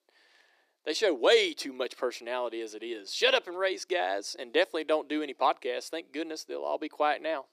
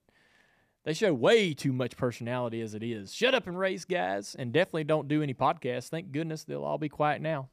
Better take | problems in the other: second | thin; somewhat; fading below 350 Hz

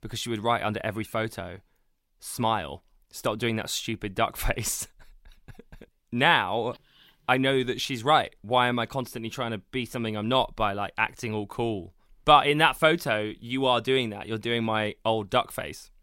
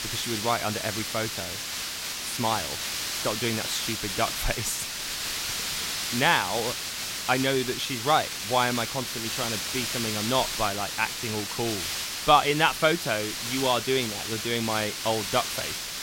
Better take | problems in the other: first | hiss; loud; throughout; 2 dB below the speech

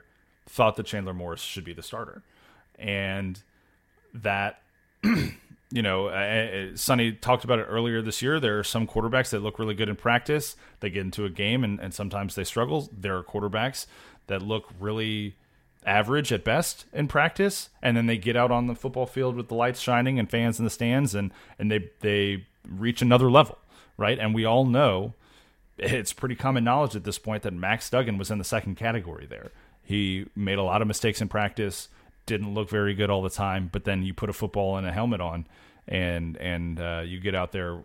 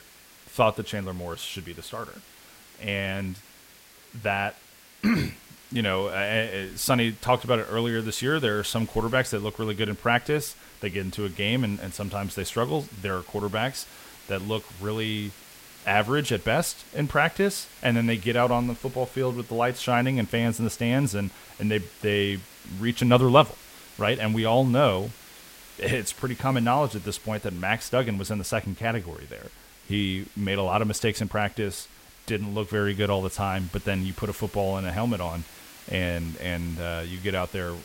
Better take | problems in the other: first | hiss; faint; throughout; 20 dB below the speech

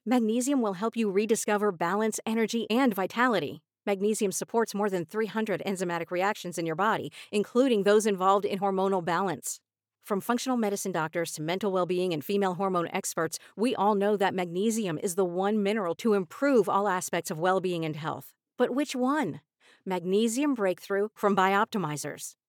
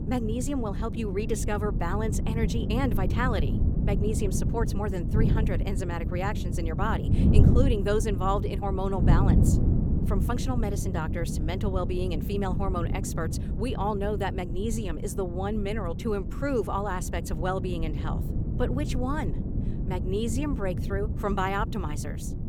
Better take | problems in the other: first | wind noise on the microphone; heavy; 7 dB below the speech

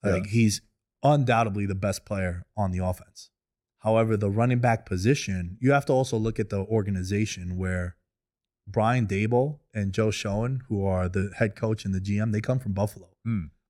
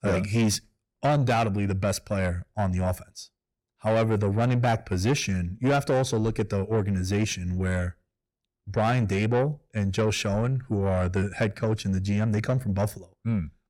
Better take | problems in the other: first | distortion; slight; 10 dB below the speech

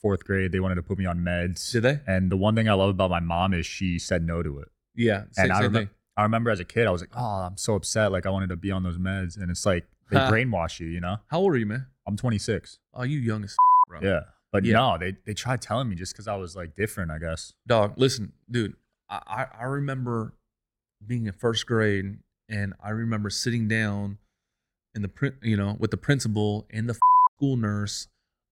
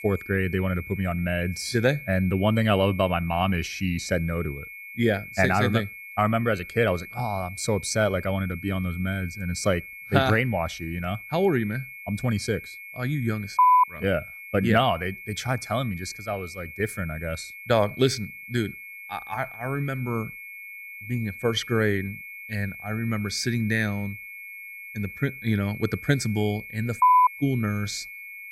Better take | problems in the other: first | high-pitched whine; noticeable; throughout; 2 kHz, 15 dB below the speech

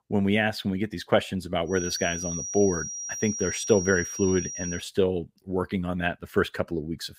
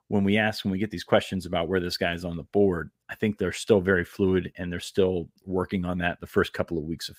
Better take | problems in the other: second | high-pitched whine; loud; from 1.5 to 5 s; 5.5 kHz, 5 dB below the speech

